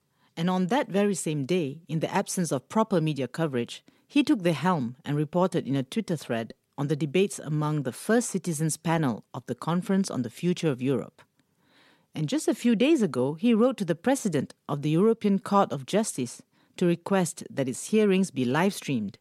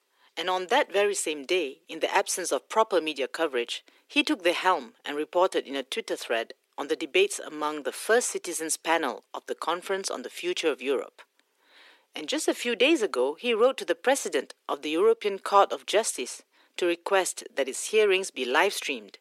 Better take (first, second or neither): first